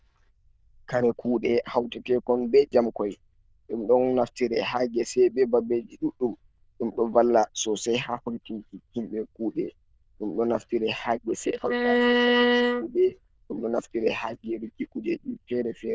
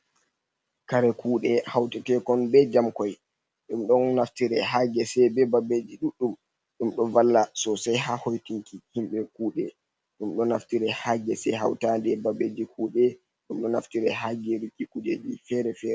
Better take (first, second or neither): second